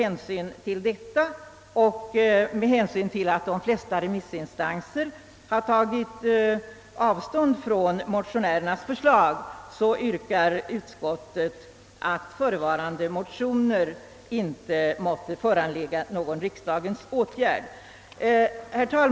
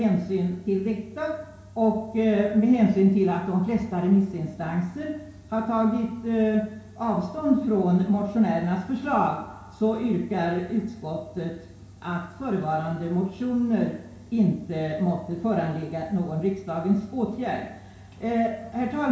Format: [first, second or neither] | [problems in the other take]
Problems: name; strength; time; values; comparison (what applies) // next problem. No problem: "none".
first | room echo; dies away in 0.6 s